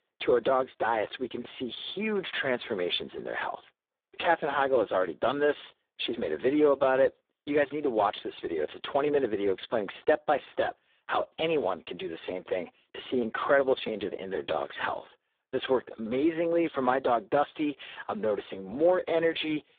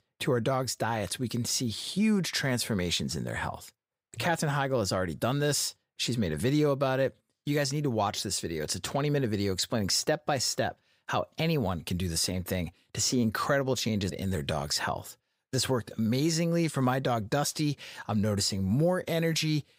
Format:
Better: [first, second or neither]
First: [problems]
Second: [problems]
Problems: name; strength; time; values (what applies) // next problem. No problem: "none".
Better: second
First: phone-call audio; poor line; nothing above 3.5 kHz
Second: none